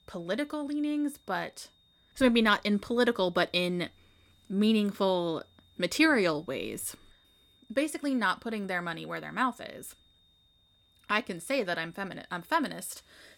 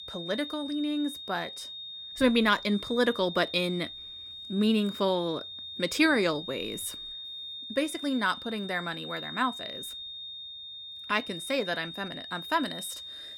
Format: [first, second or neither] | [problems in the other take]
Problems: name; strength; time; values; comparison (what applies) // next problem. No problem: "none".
first | high-pitched whine; loud; throughout; 3.5 kHz, 9 dB below the speech; faint in the first